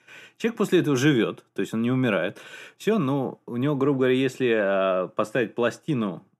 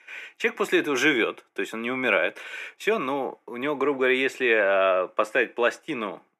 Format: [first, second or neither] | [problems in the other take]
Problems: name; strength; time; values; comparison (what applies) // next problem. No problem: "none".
first | thin; somewhat; fading below 450 Hz